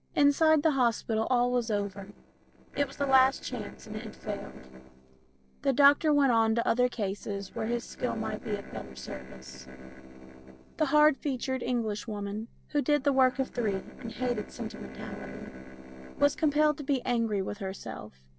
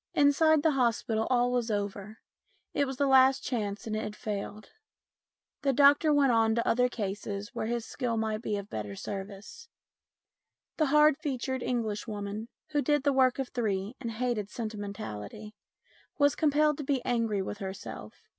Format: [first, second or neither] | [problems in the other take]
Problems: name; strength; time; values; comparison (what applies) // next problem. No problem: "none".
second | noise reduction (neural separator model SepFormer DNS4)